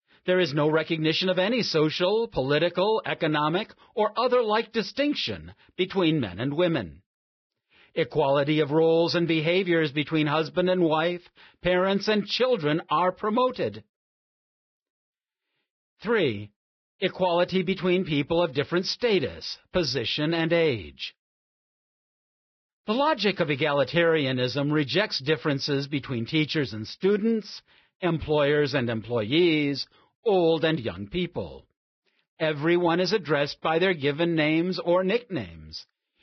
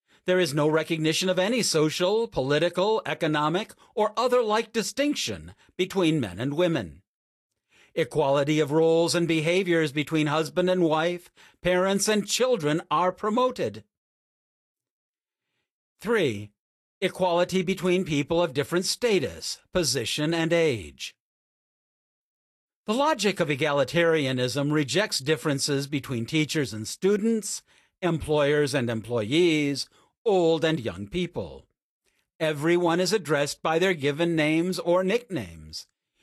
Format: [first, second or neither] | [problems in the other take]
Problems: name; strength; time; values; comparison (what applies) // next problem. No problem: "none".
second | garbled, watery; badly; nothing above 5.5 kHz; slightly in the second